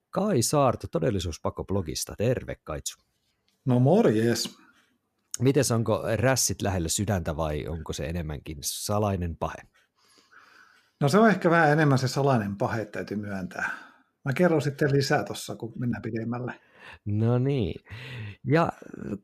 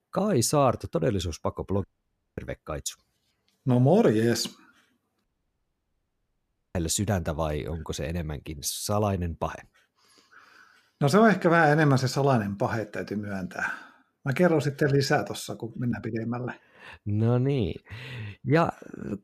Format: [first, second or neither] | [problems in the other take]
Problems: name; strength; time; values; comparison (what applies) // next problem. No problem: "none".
first | audio cutting out; at 2 s for 0.5 s and at 5 s for 1.5 s